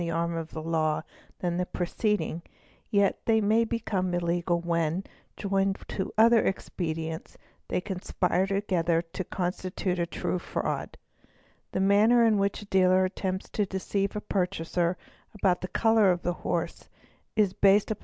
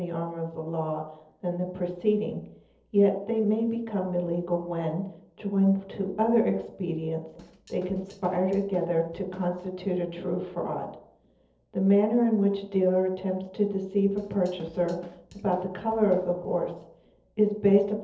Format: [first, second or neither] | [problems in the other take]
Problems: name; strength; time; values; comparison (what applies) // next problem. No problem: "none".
first | noise reduction (neural separator model SepFormer DNS4)